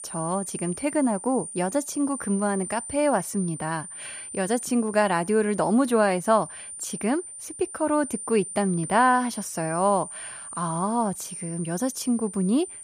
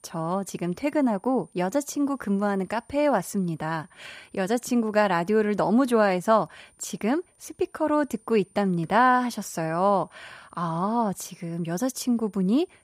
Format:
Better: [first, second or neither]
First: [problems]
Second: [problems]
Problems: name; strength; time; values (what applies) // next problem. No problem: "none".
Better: second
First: high-pitched whine; loud; throughout; 9 kHz, 10 dB below the speech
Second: high-pitched whine; faint; throughout; 9 kHz, 35 dB below the speech